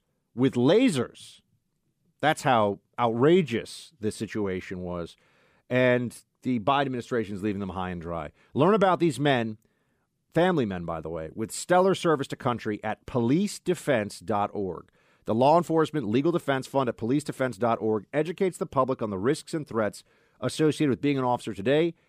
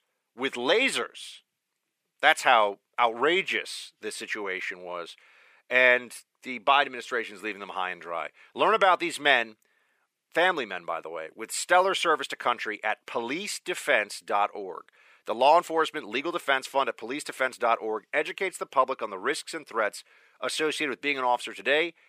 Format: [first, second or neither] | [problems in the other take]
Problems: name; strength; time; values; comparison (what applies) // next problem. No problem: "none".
first | thin; very; fading below 600 Hz